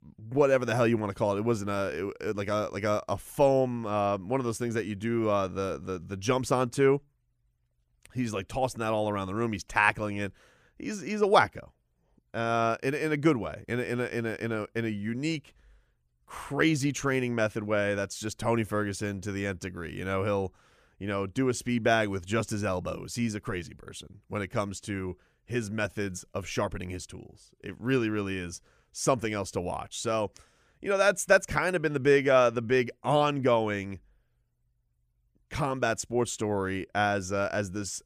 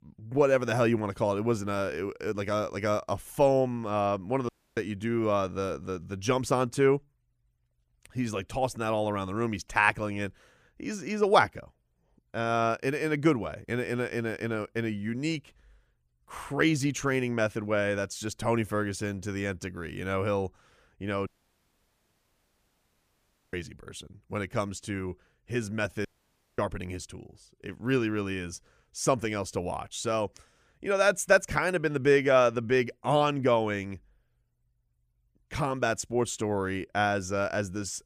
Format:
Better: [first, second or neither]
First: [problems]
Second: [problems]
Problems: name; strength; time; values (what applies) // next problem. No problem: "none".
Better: first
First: none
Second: audio cutting out; at 4.5 s, at 21 s for 2.5 s and at 26 s for 0.5 s